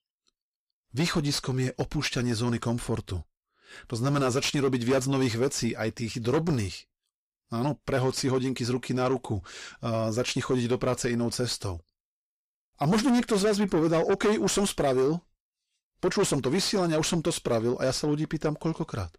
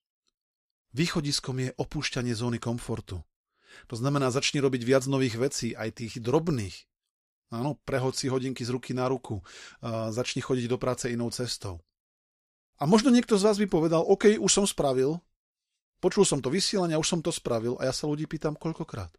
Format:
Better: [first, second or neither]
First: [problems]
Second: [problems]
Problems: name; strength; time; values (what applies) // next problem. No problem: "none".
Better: second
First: distortion; heavy; 7 dB below the speech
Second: none